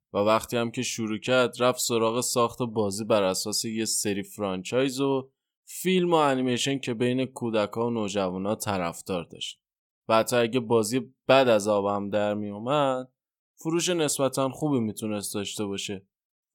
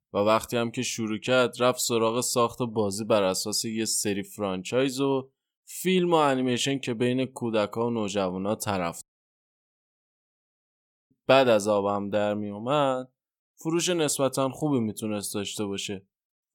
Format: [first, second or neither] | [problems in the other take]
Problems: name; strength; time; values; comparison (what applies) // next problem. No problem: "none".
first | audio cutting out; at 9 s for 2 s